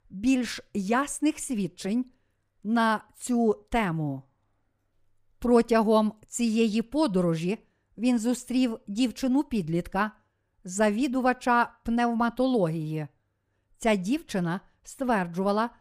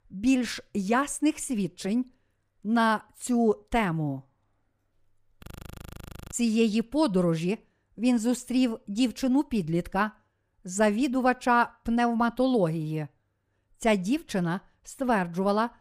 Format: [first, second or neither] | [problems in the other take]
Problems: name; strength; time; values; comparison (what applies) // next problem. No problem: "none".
first | audio freezing; at 5.5 s for 1 s